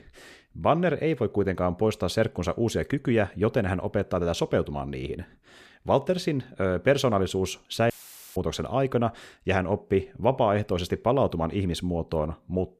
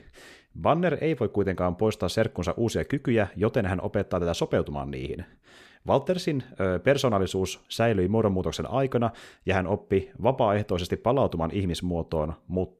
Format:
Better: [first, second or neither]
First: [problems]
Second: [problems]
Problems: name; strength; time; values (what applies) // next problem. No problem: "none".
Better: second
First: audio cutting out; filled with static; at 8 s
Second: none